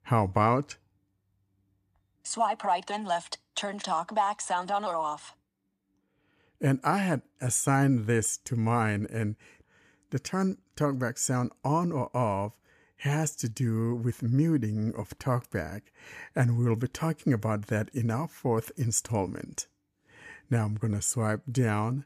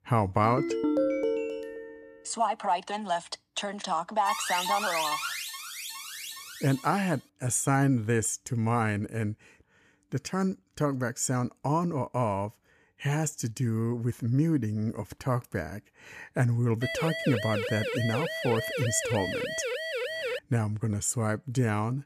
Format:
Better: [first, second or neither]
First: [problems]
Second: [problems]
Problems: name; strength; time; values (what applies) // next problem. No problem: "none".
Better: first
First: none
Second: phone ringing; loud; until 2 s; peak 3 dB above the speech // alarm; loud; from 4.5 to 7 s; peak level with the speech // siren; noticeable; from 17 to 20 s; peak 2 dB below the speech